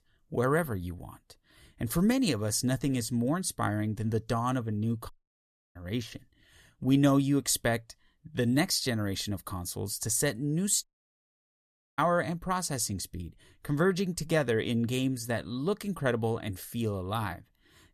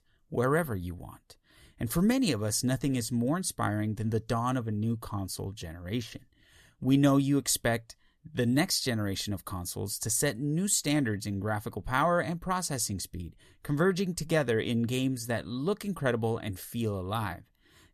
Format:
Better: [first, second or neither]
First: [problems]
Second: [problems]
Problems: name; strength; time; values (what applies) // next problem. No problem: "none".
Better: second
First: audio cutting out; at 5 s for 0.5 s and at 11 s for 1 s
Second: none